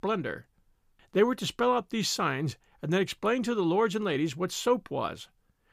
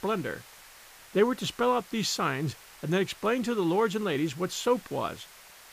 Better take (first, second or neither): first